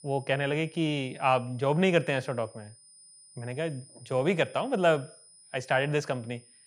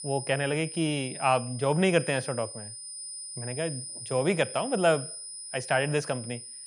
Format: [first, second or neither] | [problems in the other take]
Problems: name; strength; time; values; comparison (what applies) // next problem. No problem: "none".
first | high-pitched whine; loud; throughout; 9.5 kHz, 10 dB below the speech; faint in the first